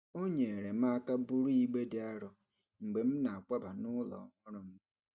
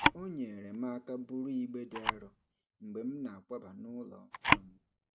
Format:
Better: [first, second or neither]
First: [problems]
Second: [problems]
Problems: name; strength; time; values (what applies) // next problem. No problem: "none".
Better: first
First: none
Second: background sound (Camera); 4 dB above the speech